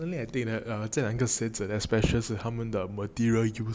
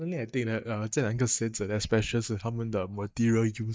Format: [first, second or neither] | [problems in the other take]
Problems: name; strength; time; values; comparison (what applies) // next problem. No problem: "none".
first | noise reduction (neural mask model DeepFilterNet 3)